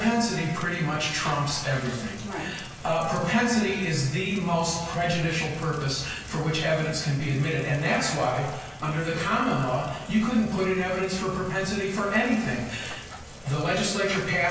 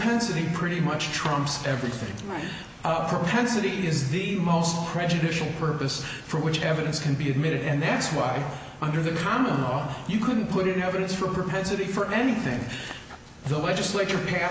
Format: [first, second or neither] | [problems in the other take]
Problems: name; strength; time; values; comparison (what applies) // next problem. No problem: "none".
second | background sound (Rain); 19 dB below the speech // room echo; dies away in 0.2 s